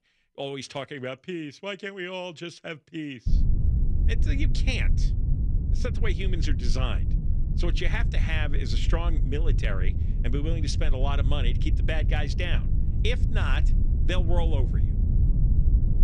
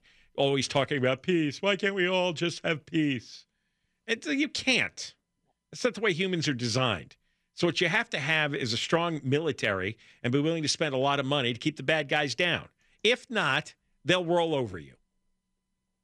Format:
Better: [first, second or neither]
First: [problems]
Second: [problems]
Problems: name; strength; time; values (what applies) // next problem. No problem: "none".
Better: second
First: low rumble; loud; from 3.5 s on; 9 dB below the speech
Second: none